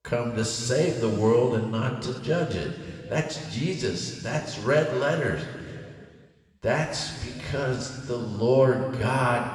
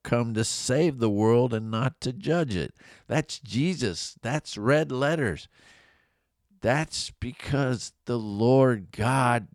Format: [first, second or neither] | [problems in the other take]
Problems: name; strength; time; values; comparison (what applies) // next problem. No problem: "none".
second | room echo; noticeable; dies away in 2.2 s // off-mic speech; somewhat distant